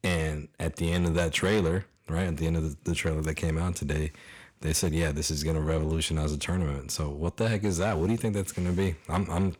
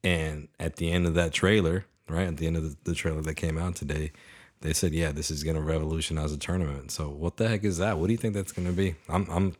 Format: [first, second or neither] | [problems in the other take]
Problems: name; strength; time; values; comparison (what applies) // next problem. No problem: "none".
second | distortion; slight; 10 dB below the speech